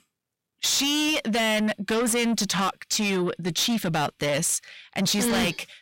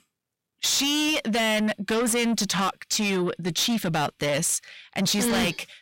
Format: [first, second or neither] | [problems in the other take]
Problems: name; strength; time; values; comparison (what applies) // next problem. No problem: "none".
neither | distortion; heavy; 7 dB below the speech; the same in both